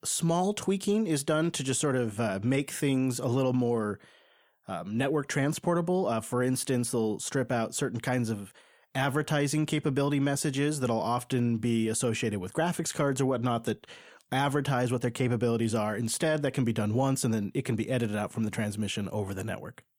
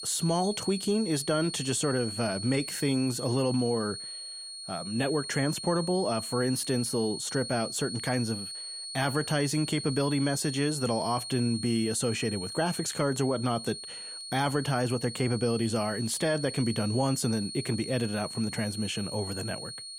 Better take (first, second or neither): first